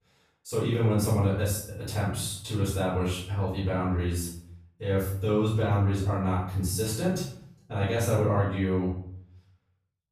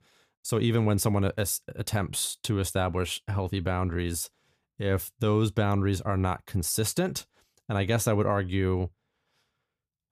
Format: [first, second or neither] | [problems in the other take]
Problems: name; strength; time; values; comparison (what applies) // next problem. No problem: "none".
second | off-mic speech; far // room echo; noticeable; dies away in 0.6 s